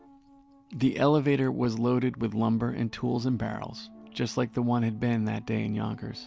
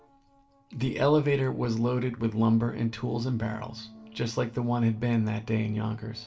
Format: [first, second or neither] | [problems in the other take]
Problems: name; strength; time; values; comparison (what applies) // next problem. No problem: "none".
first | room echo; dies away in 0.5 s